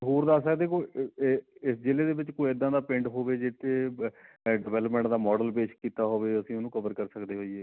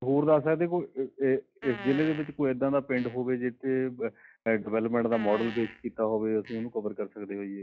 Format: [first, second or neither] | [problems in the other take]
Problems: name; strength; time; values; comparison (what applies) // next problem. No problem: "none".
first | noise reduction (classical method log-MMSE)